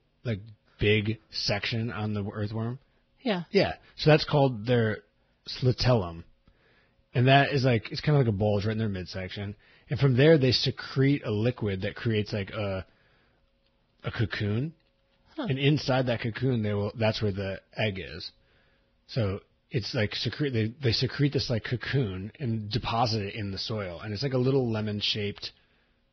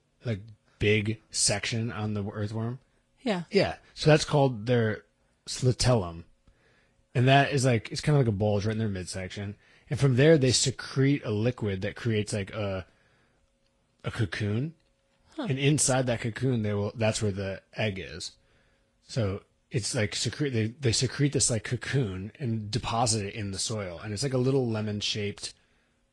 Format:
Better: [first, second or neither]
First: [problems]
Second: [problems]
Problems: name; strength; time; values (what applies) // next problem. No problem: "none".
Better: second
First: garbled, watery; badly; nothing above 5.5 kHz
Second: garbled, watery; slightly